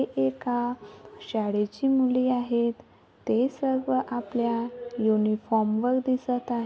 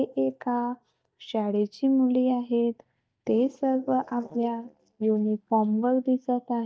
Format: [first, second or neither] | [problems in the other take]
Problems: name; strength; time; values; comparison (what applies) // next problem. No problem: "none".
first | noise reduction (neural mask model DeepFilterNet 3)